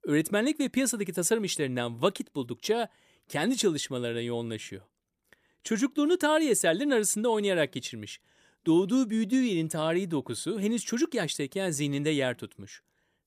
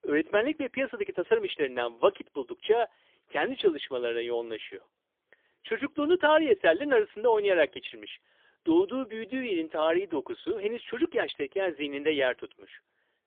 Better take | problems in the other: first | phone-call audio; poor line; nothing above 3.5 kHz

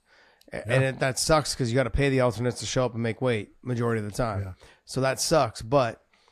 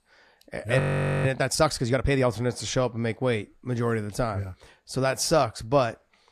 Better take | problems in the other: first | audio freezing; at 1 s

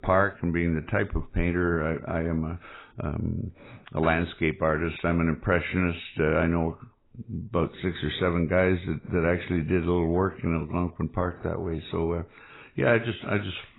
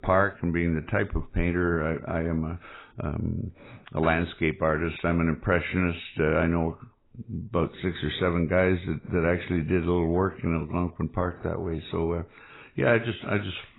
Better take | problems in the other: neither | garbled, watery; badly; nothing above 4 kHz; the same in both

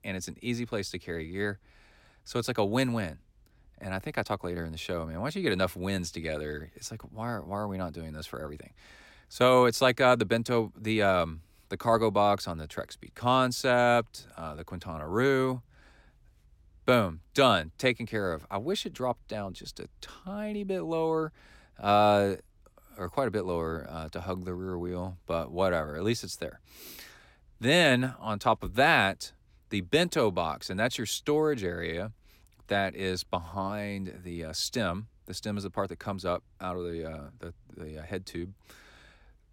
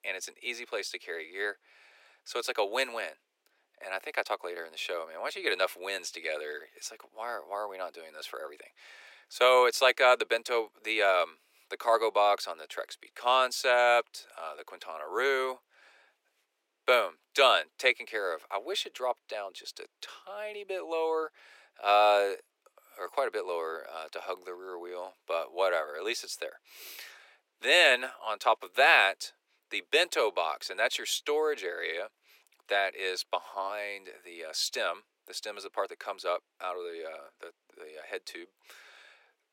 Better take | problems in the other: first | thin; very; fading below 400 Hz

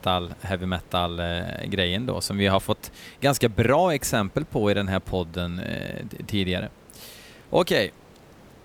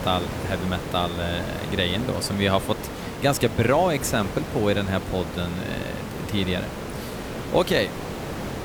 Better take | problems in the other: first | hiss; loud; throughout; 7 dB below the speech; faint in the first

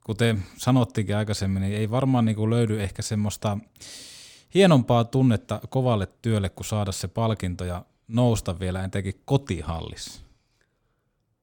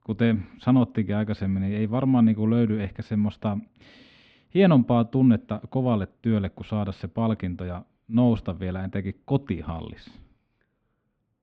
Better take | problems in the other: first | muffled; very; fading above 3 kHz

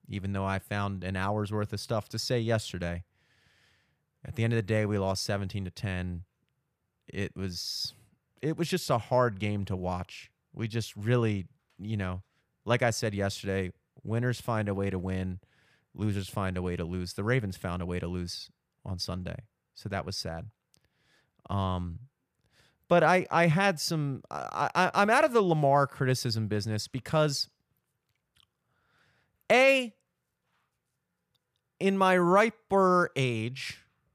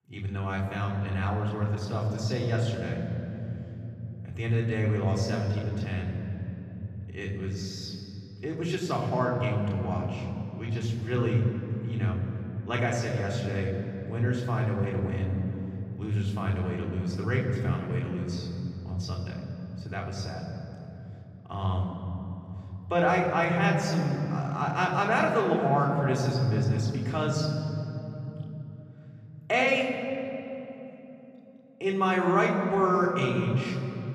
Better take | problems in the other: first | room echo; noticeable; dies away in 3 s // off-mic speech; far

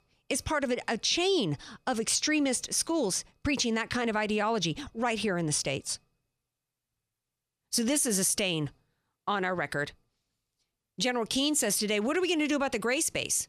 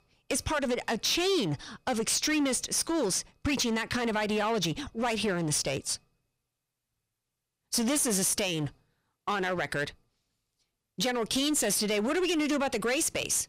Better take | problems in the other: first | distortion; slight; 11% of the sound clipped

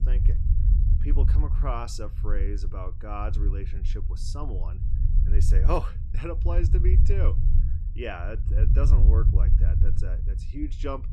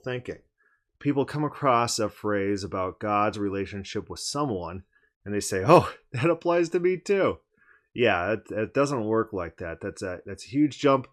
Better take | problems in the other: second | low rumble; loud; throughout; 7 dB below the speech

